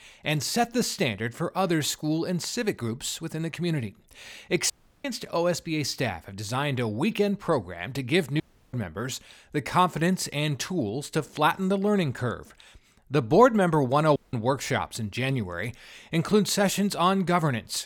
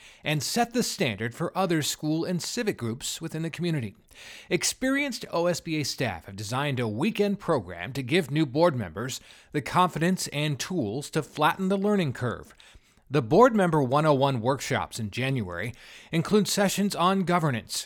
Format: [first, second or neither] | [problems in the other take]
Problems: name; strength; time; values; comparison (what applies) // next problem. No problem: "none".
second | audio cutting out; at 4.5 s, at 8.5 s and at 14 s